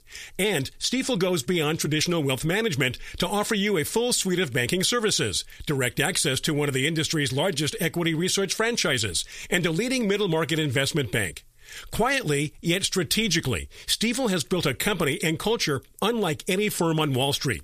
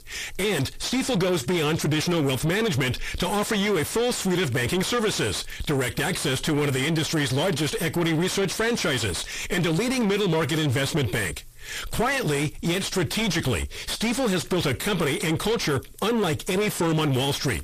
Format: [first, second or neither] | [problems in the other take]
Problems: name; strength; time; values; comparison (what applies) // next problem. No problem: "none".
first | distortion; heavy; 6 dB below the speech